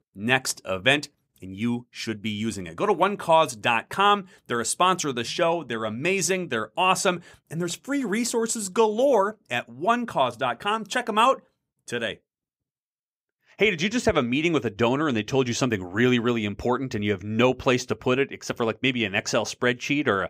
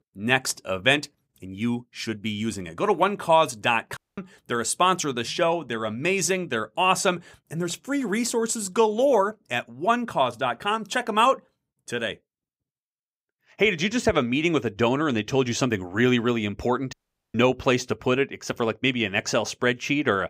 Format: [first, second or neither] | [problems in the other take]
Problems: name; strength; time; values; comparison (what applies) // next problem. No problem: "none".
first | audio cutting out; at 4 s and at 17 s